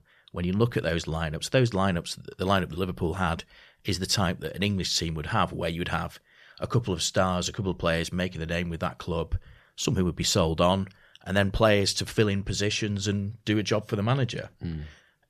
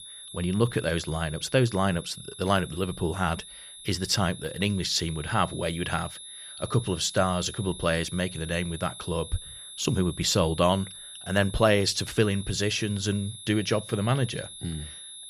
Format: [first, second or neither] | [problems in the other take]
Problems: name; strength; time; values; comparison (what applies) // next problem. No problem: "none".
first | high-pitched whine; noticeable; throughout; 3.5 kHz, 15 dB below the speech